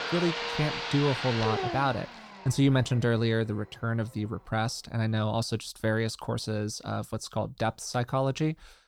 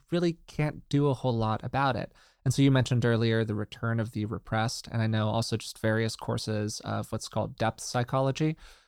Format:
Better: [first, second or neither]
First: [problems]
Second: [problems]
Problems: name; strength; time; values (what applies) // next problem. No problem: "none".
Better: second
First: household noises; loud; throughout; 4 dB below the speech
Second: none